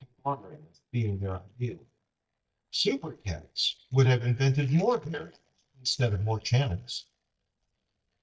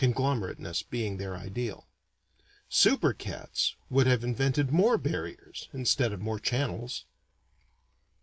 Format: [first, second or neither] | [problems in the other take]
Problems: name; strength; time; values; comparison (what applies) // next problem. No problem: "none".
second | noise reduction (neural mask model DeepFilterNet 3)